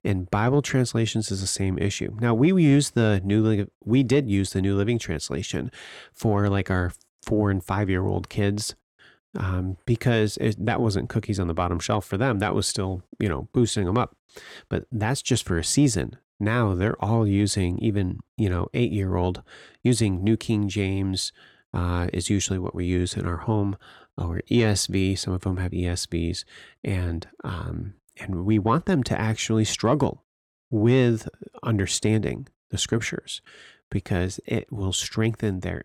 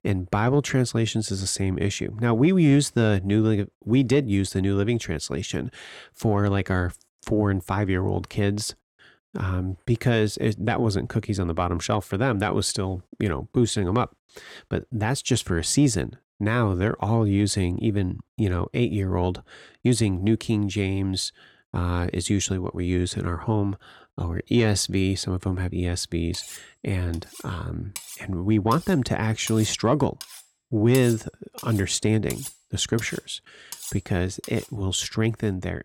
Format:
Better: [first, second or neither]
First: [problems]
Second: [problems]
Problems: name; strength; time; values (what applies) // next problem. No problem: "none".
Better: first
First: none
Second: clattering dishes; faint; from 26 to 35 s; peak 10 dB below the speech